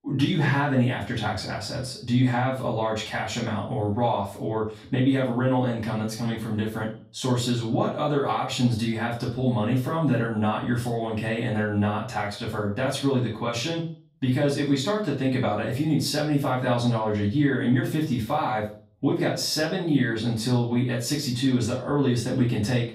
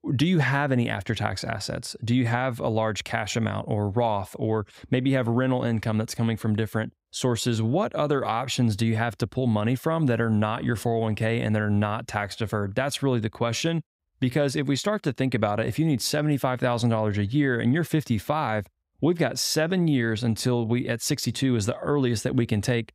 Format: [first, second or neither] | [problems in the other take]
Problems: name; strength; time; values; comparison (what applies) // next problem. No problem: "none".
second | off-mic speech; far // room echo; slight; dies away in 0.4 s